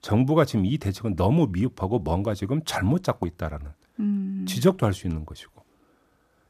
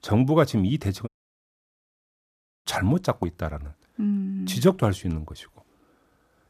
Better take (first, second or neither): first